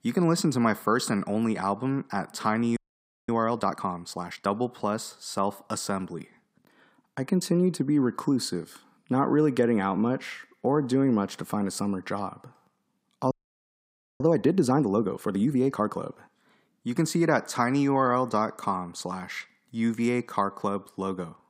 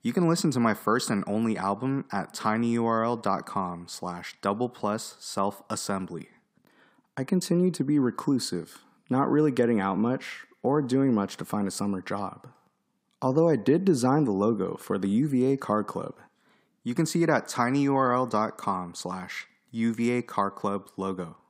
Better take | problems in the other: second | audio freezing; at 3 s for 0.5 s and at 13 s for 1 s

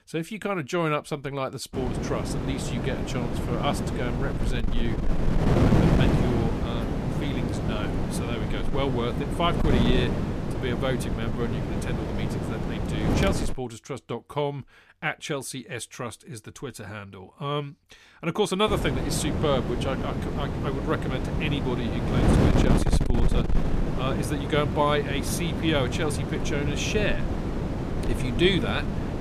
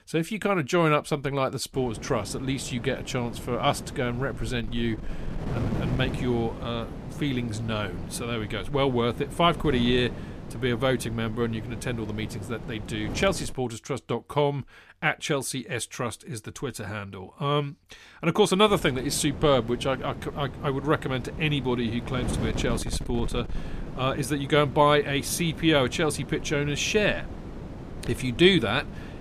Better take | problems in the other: second | wind noise on the microphone; heavy; from 1.5 to 14 s and from 19 s on; 2 dB below the speech; occasional gusts in the second

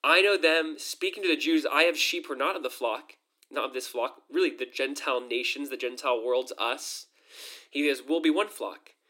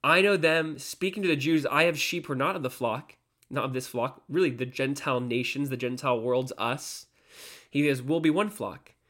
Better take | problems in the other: second | thin; somewhat; fading below 300 Hz

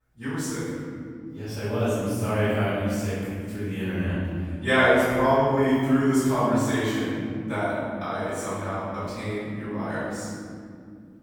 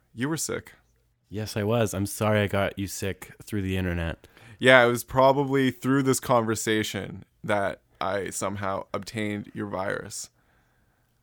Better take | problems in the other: second | off-mic speech; far // room echo; strong; dies away in 2.9 s

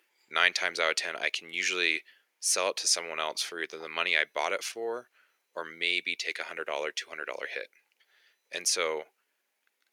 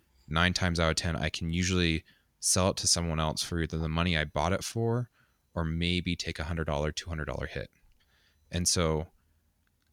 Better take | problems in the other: second | thin; very; fading below 400 Hz

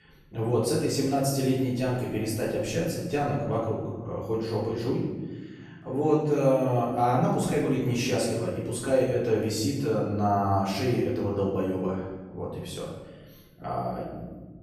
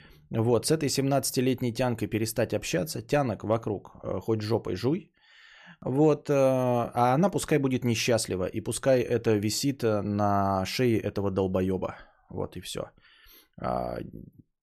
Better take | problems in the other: second | off-mic speech; far // room echo; noticeable; dies away in 1.2 s

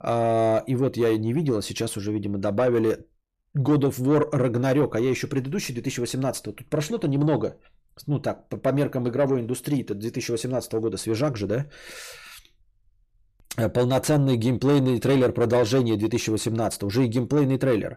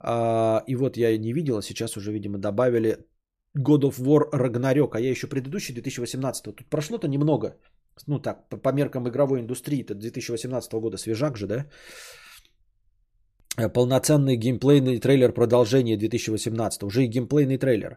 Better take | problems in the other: second | distortion; slight; 10 dB below the speech

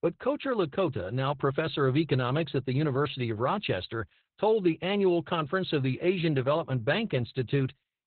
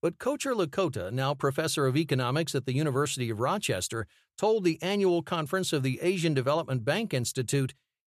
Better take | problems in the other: second | garbled, watery; badly; nothing above 4 kHz

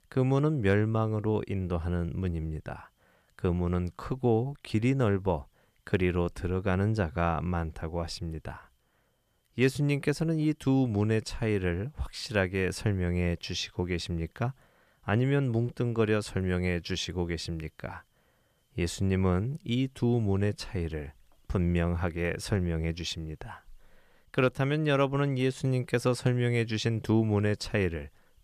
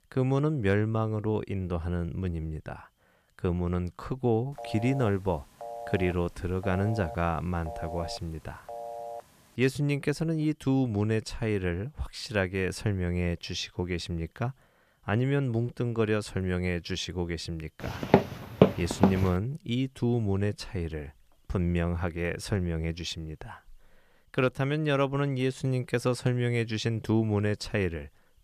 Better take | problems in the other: first | phone ringing; noticeable; from 4.5 to 9.5 s; peak 9 dB below the speech // footsteps; loud; from 18 to 19 s; peak 6 dB above the speech

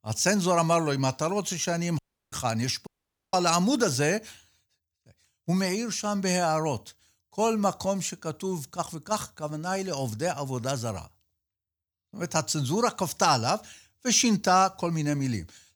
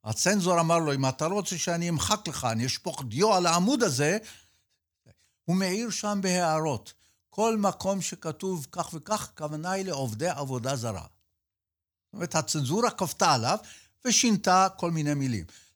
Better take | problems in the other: second | audio cutting out; at 2 s and at 3 s

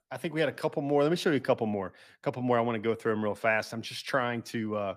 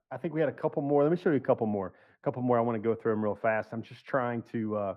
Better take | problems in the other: first | muffled; very; fading above 2.5 kHz

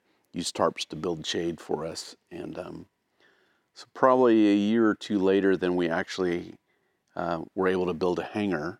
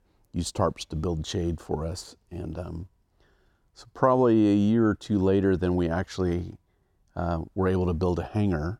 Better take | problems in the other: second | thin; very slightly; fading below 250 Hz

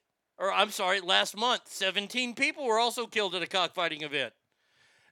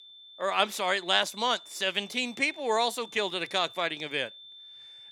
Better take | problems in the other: first | high-pitched whine; noticeable; throughout; 3.5 kHz, 20 dB below the speech

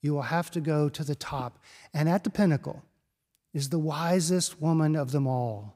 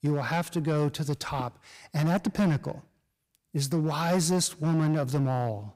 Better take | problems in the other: first | distortion; slight; 8% of the sound clipped

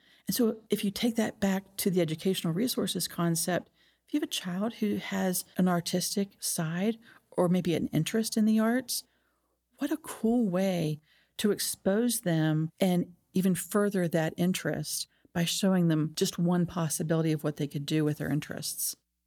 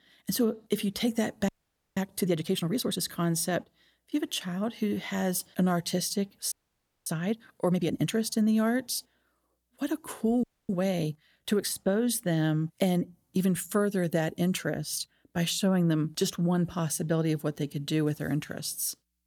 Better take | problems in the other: first | audio freezing; at 1.5 s, at 6.5 s for 0.5 s and at 10 s

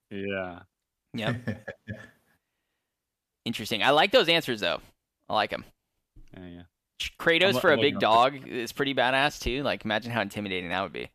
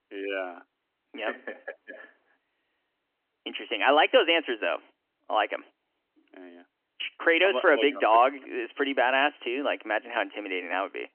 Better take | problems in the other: first | phone-call audio; nothing above 3 kHz

